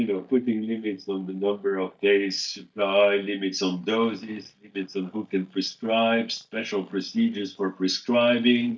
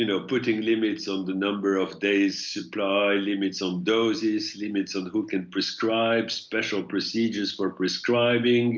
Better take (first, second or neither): second